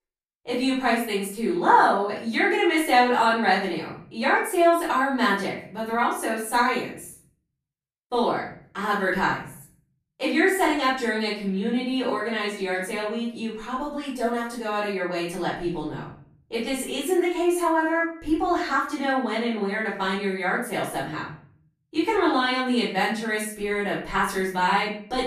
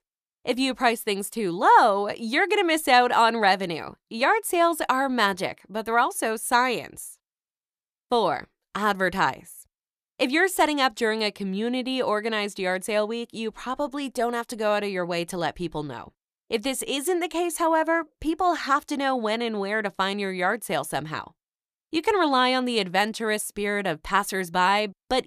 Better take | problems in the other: second | off-mic speech; far // room echo; noticeable; dies away in 0.5 s

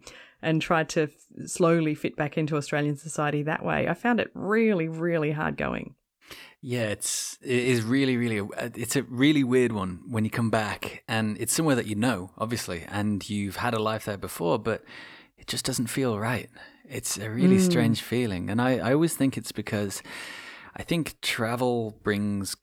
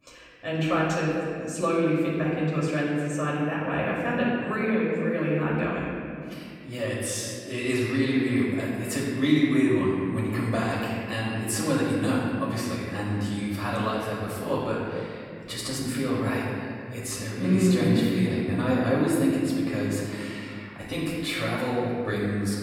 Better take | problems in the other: first | off-mic speech; far // room echo; noticeable; dies away in 2.3 s

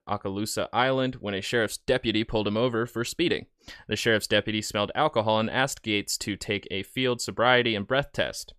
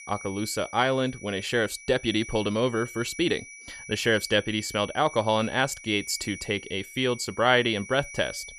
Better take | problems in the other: first | high-pitched whine; noticeable; throughout; 2.5 kHz, 15 dB below the speech

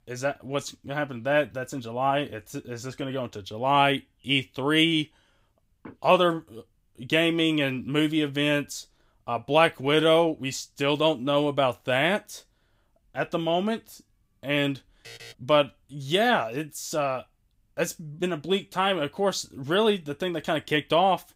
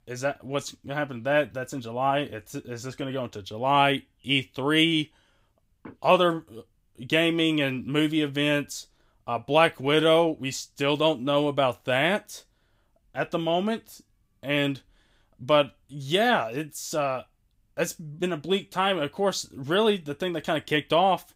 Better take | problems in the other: second | alarm; faint; at 15 s; peak 20 dB below the speech

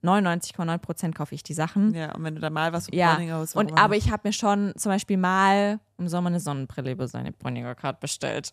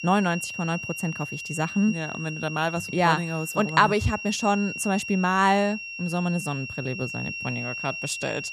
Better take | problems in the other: first | high-pitched whine; loud; throughout; 2.5 kHz, 7 dB below the speech

